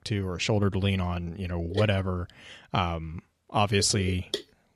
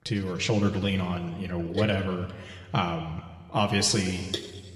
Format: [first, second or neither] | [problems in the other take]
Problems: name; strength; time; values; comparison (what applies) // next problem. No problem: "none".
first | room echo; slight; dies away in 1.5 s